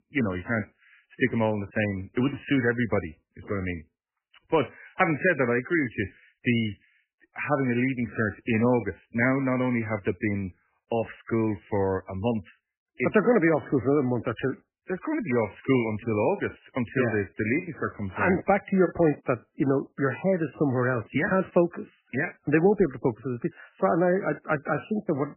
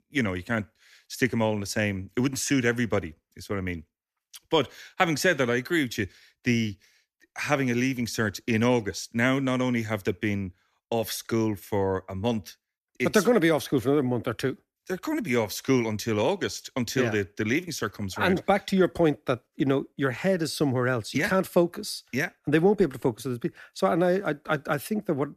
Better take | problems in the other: second | garbled, watery; badly; nothing above 2.5 kHz

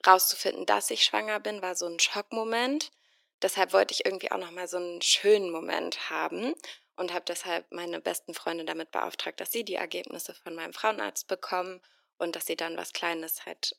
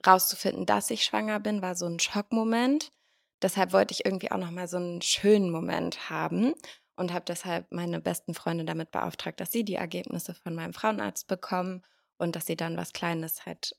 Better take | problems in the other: second | thin; somewhat; fading below 350 Hz

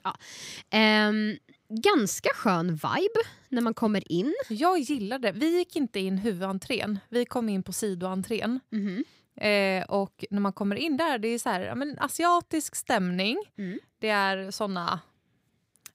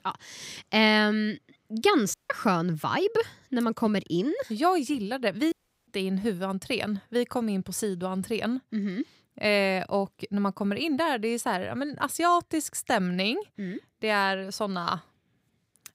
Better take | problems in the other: first | audio cutting out; at 2 s and at 5.5 s

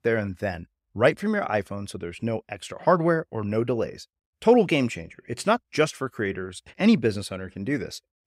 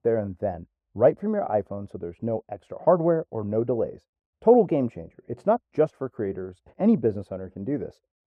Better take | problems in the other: first | muffled; very; fading above 1.5 kHz

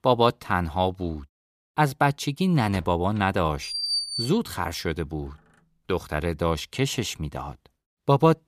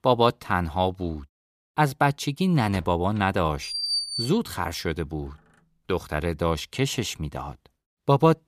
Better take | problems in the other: neither | door banging; loud; from 2.5 to 4.5 s; peak 1 dB above the speech; the same in both

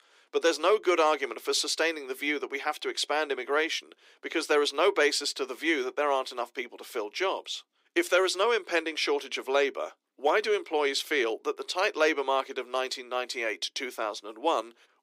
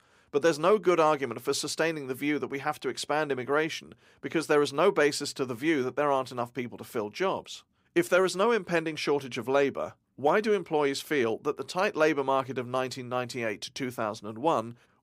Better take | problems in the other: second | thin; somewhat; fading below 300 Hz

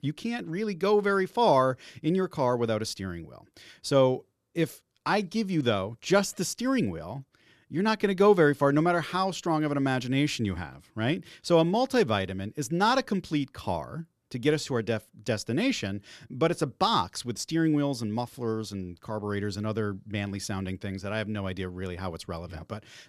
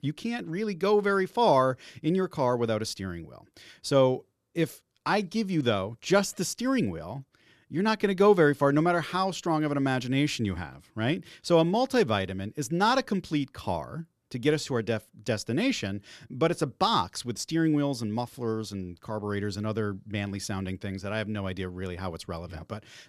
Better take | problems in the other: neither | none

